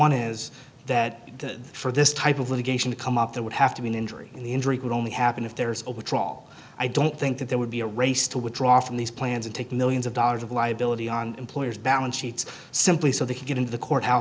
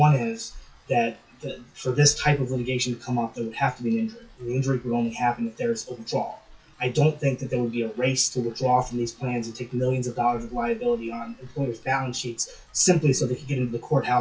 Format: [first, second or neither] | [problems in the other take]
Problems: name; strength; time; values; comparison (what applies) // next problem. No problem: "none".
first | noise reduction (classical method WPE with log-MMSE)